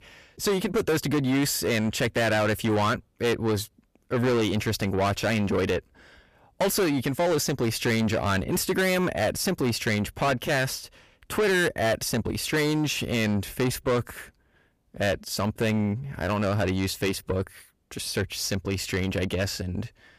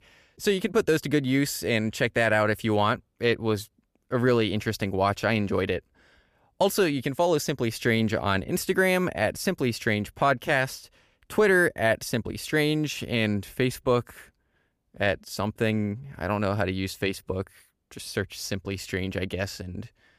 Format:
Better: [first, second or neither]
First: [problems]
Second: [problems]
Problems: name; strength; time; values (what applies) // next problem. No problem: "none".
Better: second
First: distortion; heavy; 7 dB below the speech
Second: none